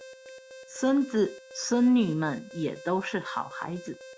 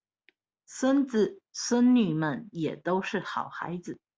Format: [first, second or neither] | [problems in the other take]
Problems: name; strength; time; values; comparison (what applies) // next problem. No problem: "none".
second | background sound (Alarm); 19 dB below the speech